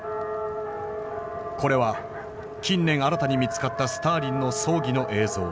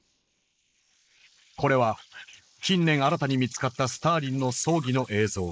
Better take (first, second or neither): first